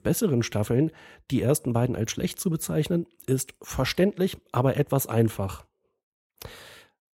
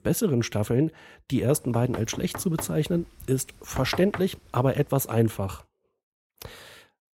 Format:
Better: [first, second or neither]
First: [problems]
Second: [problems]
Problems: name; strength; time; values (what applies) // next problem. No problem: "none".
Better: first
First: none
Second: door banging; noticeable; from 1.5 to 4 s; peak 8 dB below the speech